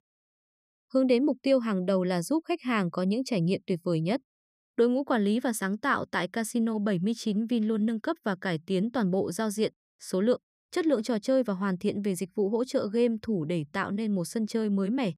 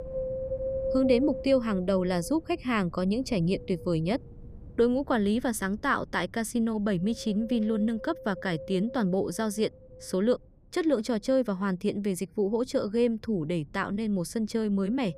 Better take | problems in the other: first | wind noise on the microphone; heavy; 8 dB below the speech

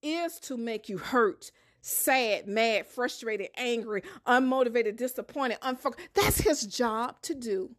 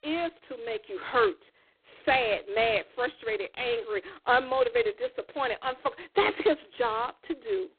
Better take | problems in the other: first | phone-call audio; poor line; nothing above 4 kHz

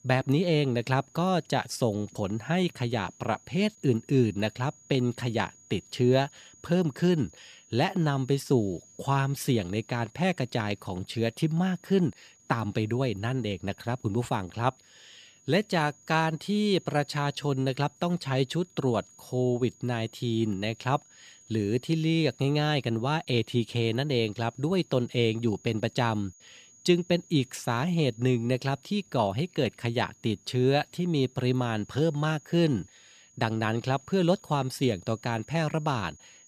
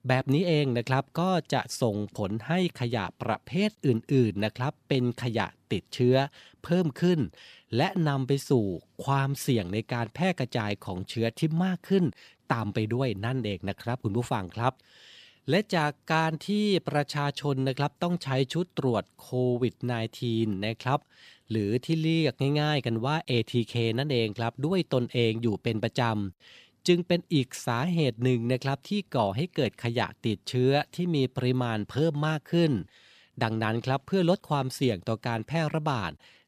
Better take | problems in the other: second | high-pitched whine; faint; throughout; 6.5 kHz, 25 dB below the speech

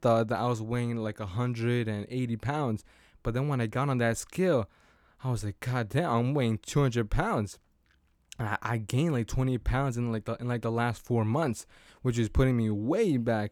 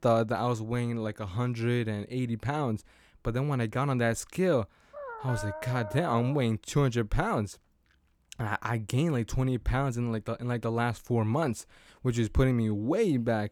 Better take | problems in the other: first | dog barking; noticeable; from 5 to 6.5 s; peak 9 dB below the speech

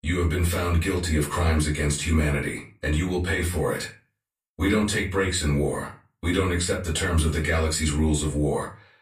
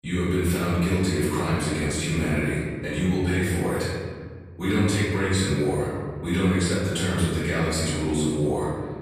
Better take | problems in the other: first | room echo; strong; dies away in 1.8 s; slight in the first // off-mic speech; far; far in the first

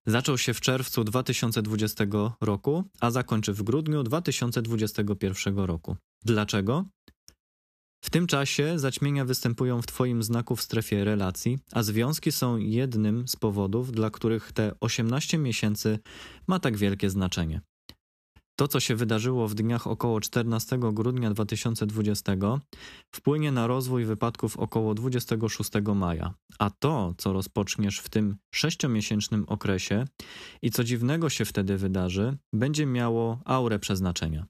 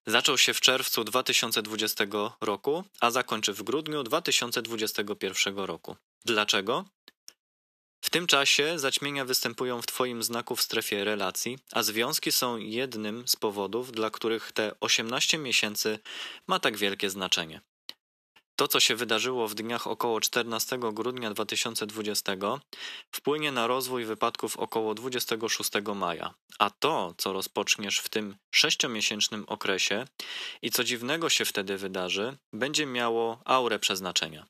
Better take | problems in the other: first | thin; very; fading below 450 Hz

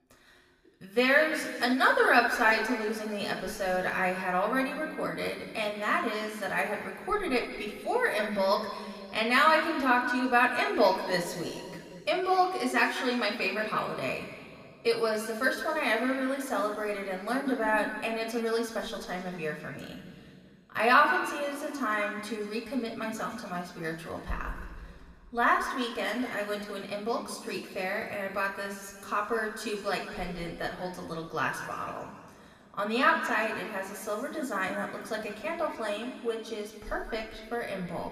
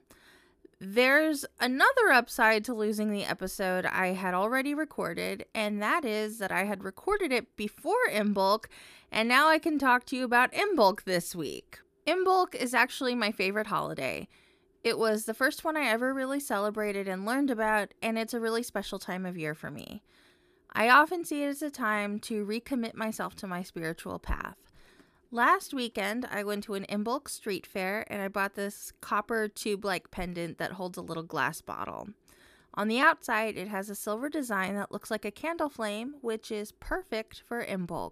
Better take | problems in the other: second | room echo; noticeable; dies away in 2.3 s // off-mic speech; somewhat distant

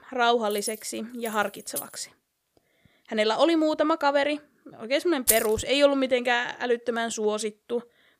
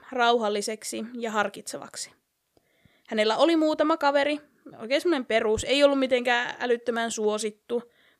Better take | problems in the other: second | jangling keys; noticeable; until 2 s; peak 10 dB below the speech // jangling keys; loud; at 5.5 s; peak 2 dB above the speech

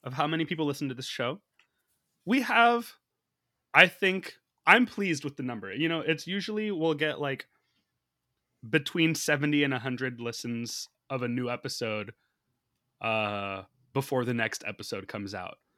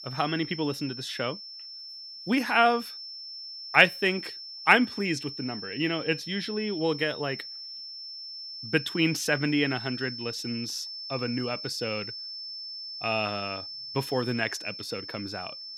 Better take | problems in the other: first | high-pitched whine; loud; throughout; 5.5 kHz, 9 dB below the speech

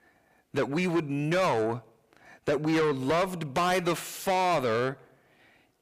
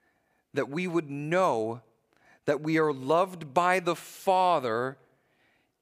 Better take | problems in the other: second | distortion; heavy; 6 dB below the speech

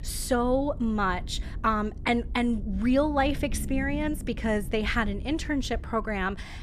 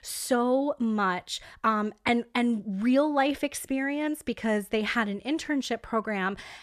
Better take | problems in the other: second | low rumble; faint; throughout; 20 dB below the speech

